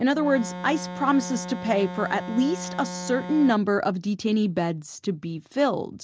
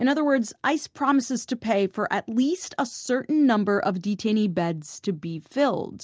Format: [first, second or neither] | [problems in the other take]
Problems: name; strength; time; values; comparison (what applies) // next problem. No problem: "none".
second | background sound (Organ); 10 dB below the speech